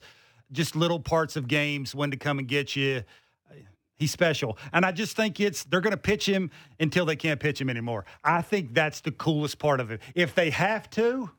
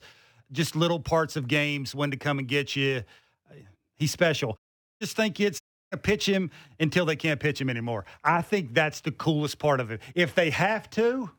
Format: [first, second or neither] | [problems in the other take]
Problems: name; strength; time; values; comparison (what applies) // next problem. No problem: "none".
first | audio cutting out; at 4.5 s and at 5.5 s